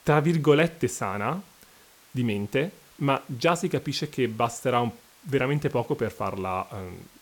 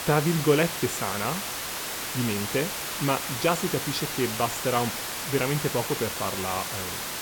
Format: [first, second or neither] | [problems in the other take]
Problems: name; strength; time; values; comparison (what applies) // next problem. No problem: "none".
first | hiss; loud; throughout; 2 dB below the speech; faint in the first